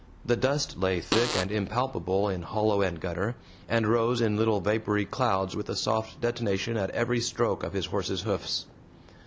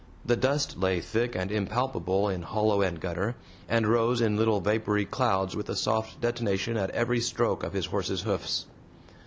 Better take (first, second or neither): second